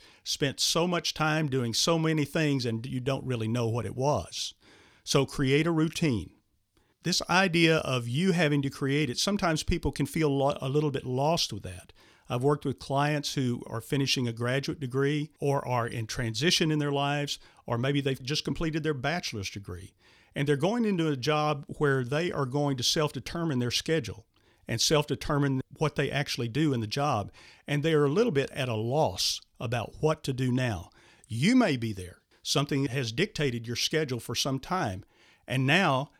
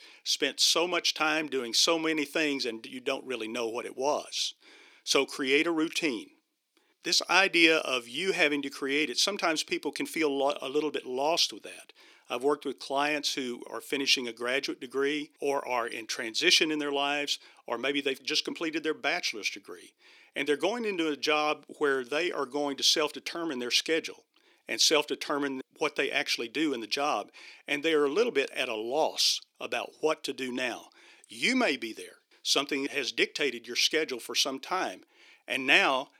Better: first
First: none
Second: thin; somewhat; fading below 300 Hz

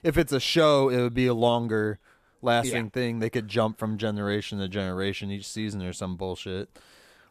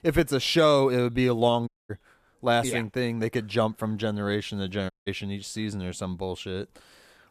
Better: first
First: none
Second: audio cutting out; at 1.5 s and at 5 s

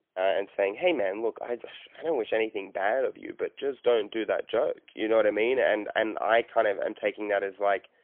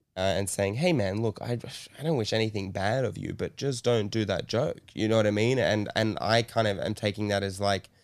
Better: second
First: phone-call audio; poor line; nothing above 3.5 kHz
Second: none

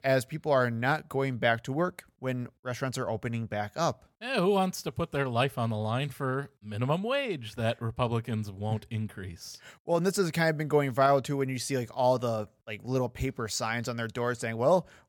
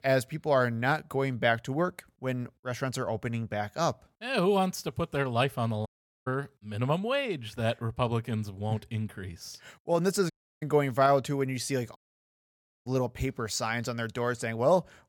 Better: first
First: none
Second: audio cutting out; at 6 s, at 10 s and at 12 s for 1 s

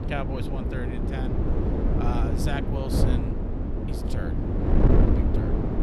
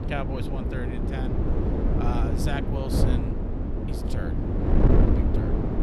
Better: neither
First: wind noise on the microphone; heavy; 4 dB above the speech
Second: wind noise on the microphone; heavy; 4 dB above the speech

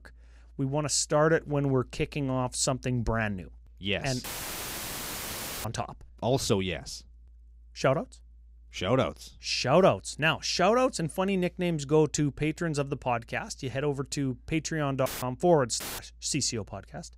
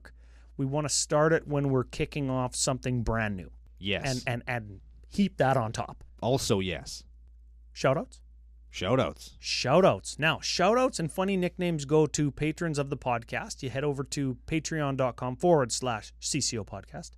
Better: second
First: audio cutting out; filled with static; at 4 s for 1.5 s, at 15 s and at 16 s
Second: none

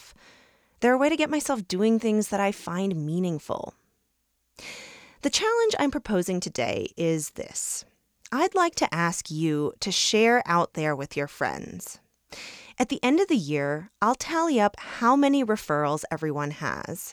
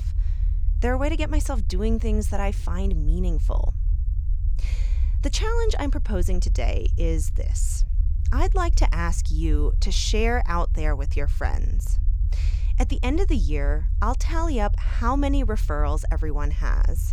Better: first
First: none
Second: low rumble; noticeable; throughout; 15 dB below the speech

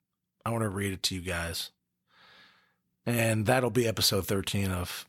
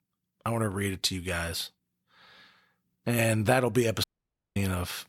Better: first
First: none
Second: audio cutting out; at 4 s for 0.5 s

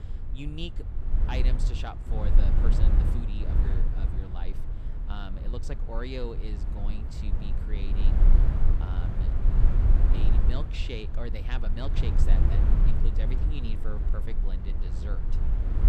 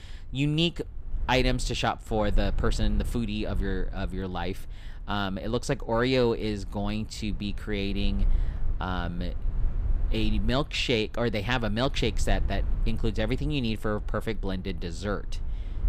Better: second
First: low rumble; loud; throughout; 2 dB below the speech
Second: low rumble; faint; throughout; 20 dB below the speech

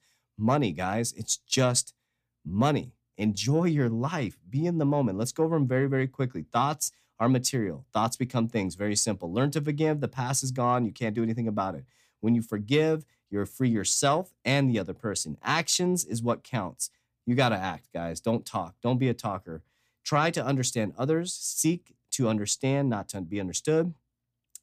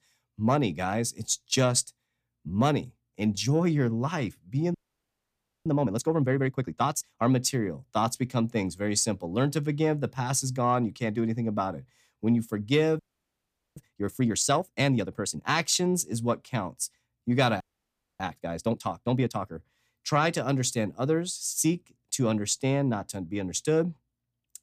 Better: first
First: none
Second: audio freezing; at 4.5 s for 1 s, at 13 s for 1 s and at 18 s for 0.5 s

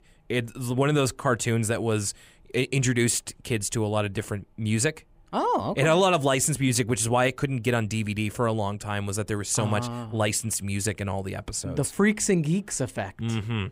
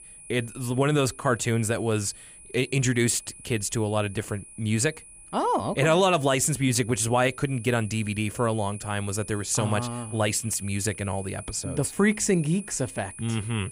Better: first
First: none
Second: high-pitched whine; noticeable; throughout; 10 kHz, 15 dB below the speech

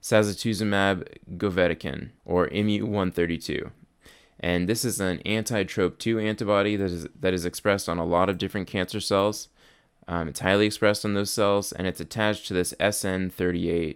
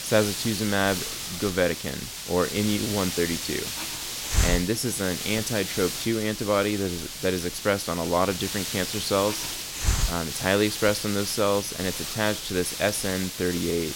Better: first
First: none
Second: hiss; loud; throughout; 4 dB below the speech

